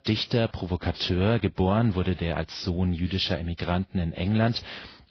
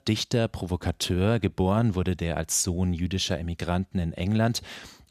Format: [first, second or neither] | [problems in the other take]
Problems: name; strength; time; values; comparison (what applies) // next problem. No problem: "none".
second | garbled, watery; badly; nothing above 5.5 kHz